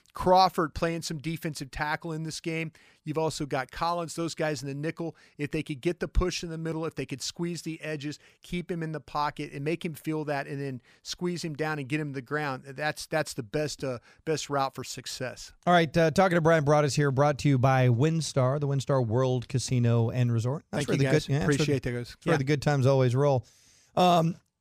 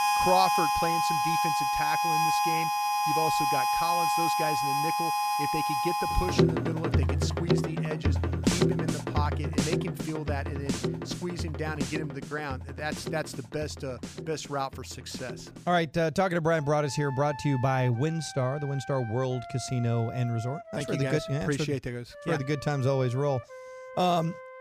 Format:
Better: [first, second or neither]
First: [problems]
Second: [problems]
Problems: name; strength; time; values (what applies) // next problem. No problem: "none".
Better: first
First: none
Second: background music; very loud; throughout; 3 dB above the speech